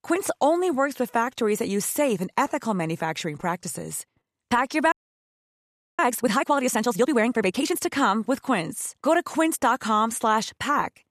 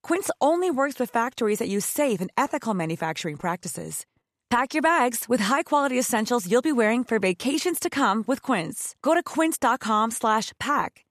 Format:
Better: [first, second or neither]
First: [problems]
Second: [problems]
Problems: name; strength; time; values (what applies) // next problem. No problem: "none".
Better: second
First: audio freezing; at 5 s for 1 s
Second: none